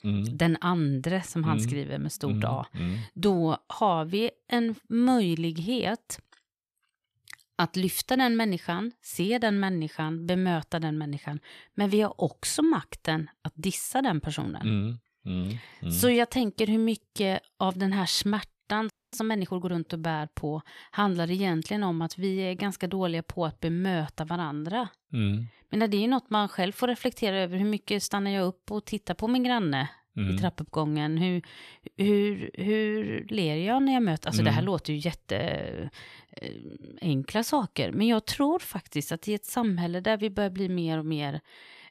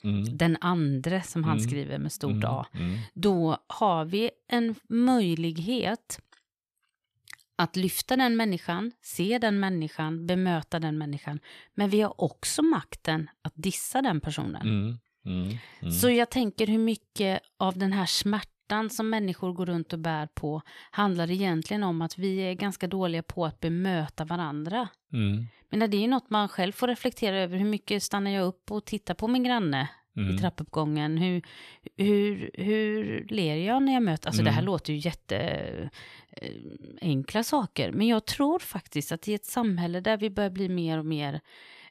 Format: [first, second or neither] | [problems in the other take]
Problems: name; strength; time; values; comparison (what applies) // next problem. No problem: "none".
second | audio freezing; at 19 s